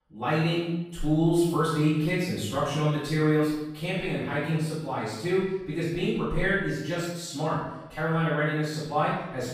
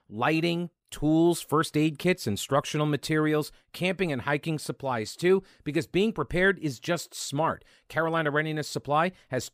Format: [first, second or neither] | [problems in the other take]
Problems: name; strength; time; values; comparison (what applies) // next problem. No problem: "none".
second | off-mic speech; far // room echo; strong; dies away in 0.8 s